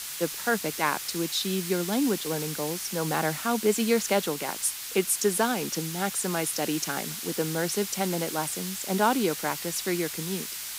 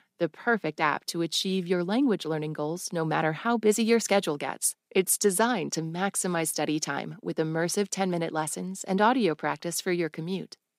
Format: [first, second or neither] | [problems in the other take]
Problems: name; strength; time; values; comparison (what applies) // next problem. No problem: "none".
second | hiss; loud; throughout; 5 dB below the speech